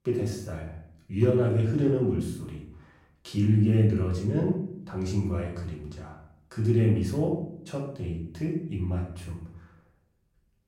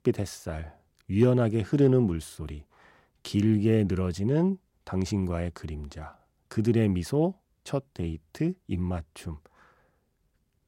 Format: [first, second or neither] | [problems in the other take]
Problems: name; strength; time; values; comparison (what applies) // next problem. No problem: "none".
second | room echo; noticeable; dies away in 0.6 s // off-mic speech; far